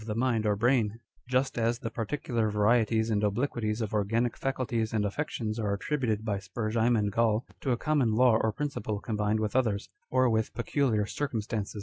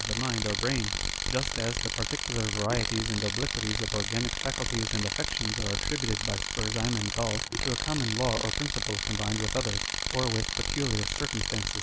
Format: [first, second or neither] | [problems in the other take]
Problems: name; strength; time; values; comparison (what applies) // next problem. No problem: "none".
first | background sound (Tools); 1 dB above the speech